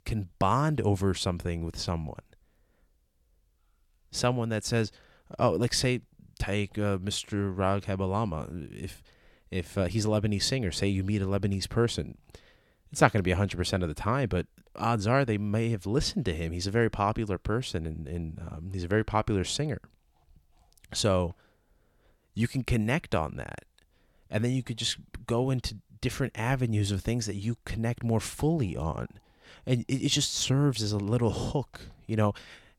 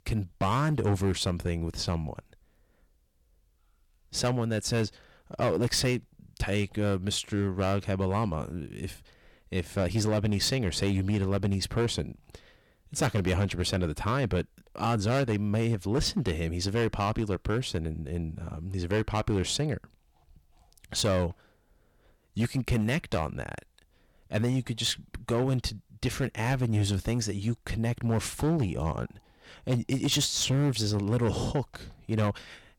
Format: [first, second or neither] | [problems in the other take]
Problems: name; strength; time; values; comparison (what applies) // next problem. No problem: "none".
first | distortion; slight; 6% of the sound clipped